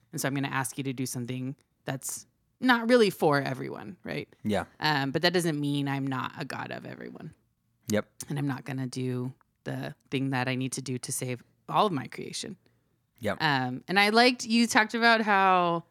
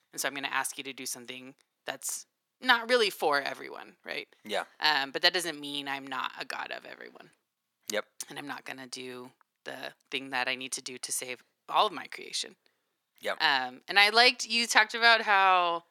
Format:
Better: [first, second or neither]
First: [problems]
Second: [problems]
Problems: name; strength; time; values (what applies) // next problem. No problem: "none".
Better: first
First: none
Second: thin; somewhat; fading below 550 Hz